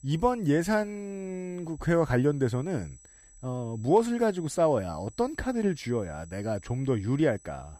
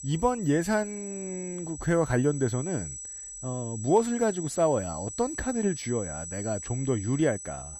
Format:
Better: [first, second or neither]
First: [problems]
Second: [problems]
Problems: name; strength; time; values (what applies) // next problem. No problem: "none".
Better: first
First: high-pitched whine; faint; throughout; 8 kHz, 25 dB below the speech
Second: high-pitched whine; loud; throughout; 8 kHz, 9 dB below the speech